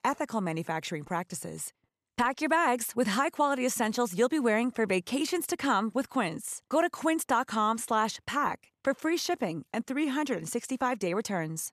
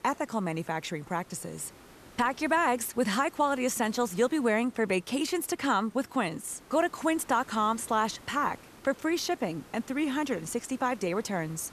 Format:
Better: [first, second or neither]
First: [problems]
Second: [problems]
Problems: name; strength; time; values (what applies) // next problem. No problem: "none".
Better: first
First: none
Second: hiss; faint; throughout; 25 dB below the speech